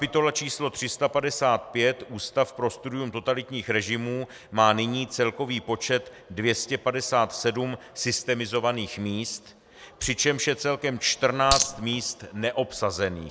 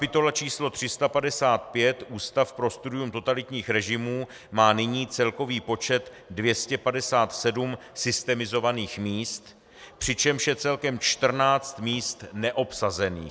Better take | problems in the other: second | background sound (Coin (dropping)); 1 dB above the speech

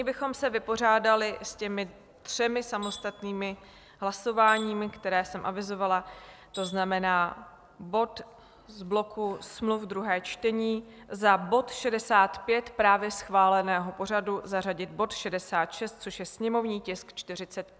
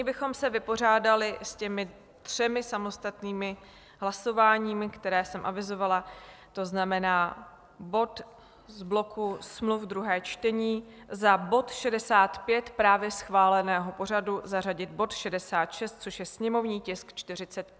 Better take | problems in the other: second | background sound (Tools); 17 dB below the speech

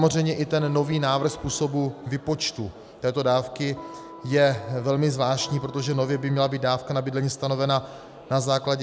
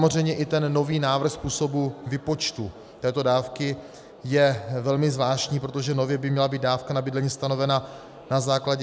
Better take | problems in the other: second | background sound (Electric guitar); 18 dB below the speech

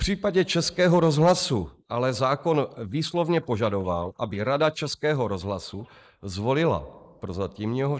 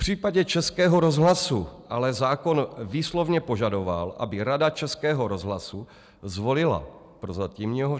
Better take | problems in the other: second | noise reduction (neural mask model Resemble Enhance denoiser)

